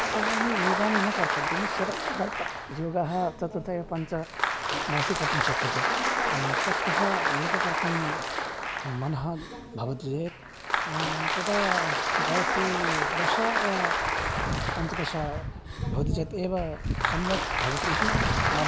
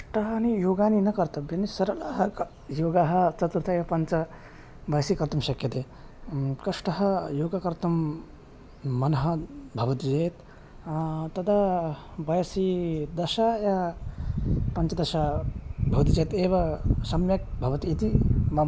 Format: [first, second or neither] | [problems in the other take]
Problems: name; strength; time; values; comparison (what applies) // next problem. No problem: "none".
second | background sound (Applause); 2 dB above the speech